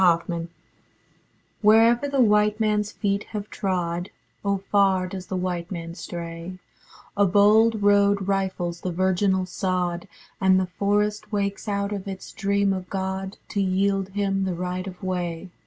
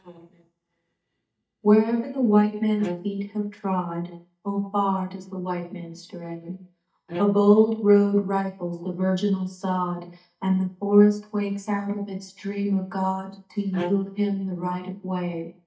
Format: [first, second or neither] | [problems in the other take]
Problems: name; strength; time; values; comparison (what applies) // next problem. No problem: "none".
first | noise reduction (neural mask model DeepFilterNet 3)